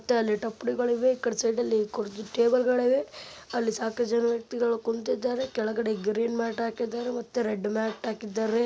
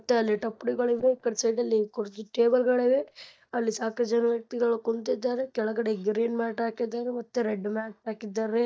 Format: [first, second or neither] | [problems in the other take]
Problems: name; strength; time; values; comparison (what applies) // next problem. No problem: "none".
first | noise reduction (neural mask model DeepFilterNet 3)